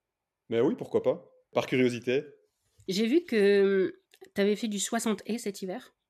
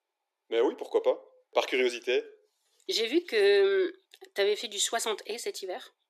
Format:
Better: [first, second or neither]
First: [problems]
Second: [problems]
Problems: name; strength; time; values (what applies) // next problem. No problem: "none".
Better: first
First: none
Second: thin; very; fading below 350 Hz